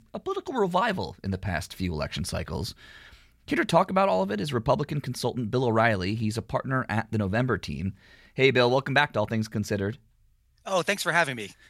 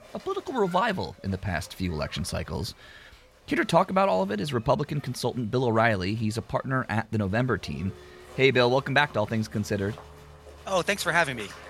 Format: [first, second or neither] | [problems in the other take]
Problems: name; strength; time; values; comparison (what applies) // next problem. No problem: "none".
first | crowd noise; faint; throughout; 25 dB below the speech